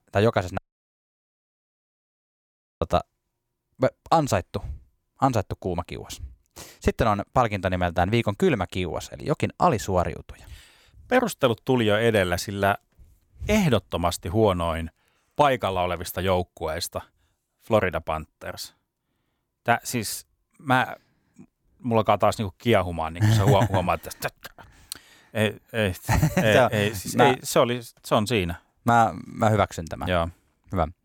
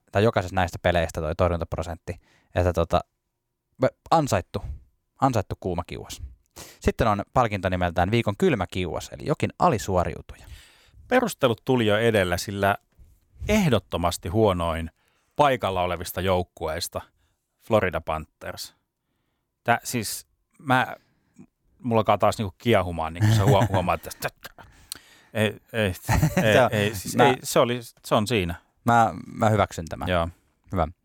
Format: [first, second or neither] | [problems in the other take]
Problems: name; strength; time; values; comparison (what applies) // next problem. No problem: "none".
second | audio cutting out; at 0.5 s for 2 s